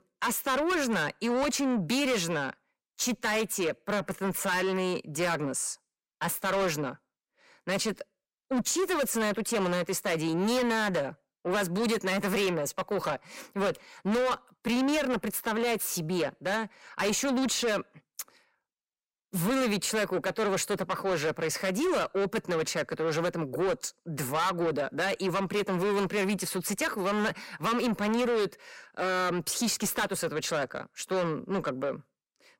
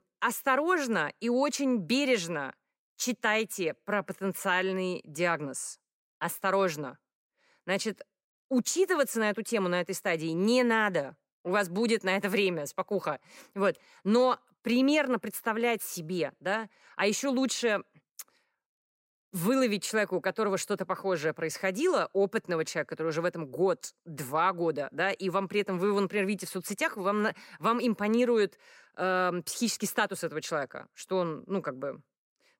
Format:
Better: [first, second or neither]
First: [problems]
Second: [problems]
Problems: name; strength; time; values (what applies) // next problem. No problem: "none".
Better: second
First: distortion; heavy; 7 dB below the speech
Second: none